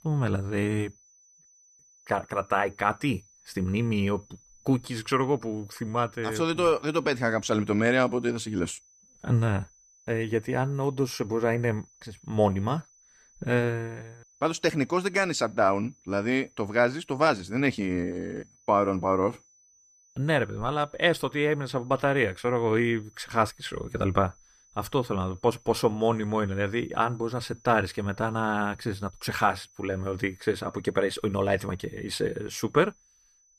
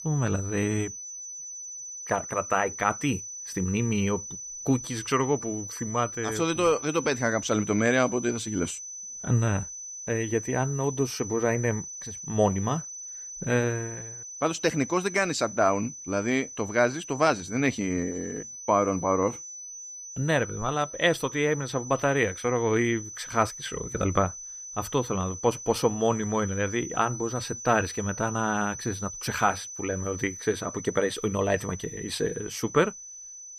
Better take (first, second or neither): first